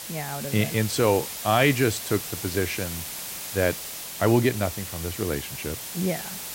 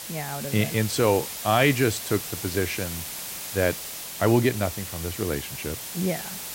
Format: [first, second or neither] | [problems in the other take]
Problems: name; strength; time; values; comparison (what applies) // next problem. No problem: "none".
neither | hiss; loud; throughout; 7 dB below the speech; the same in both